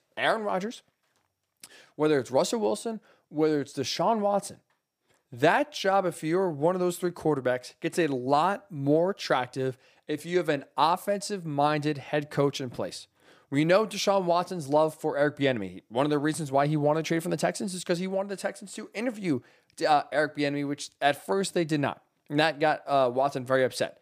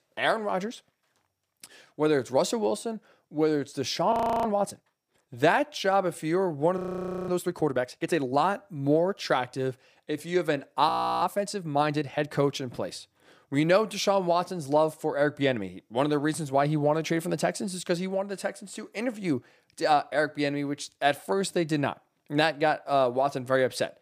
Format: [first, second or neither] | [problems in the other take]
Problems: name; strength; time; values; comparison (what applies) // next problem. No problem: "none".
first | audio freezing; at 4 s, at 7 s for 0.5 s and at 11 s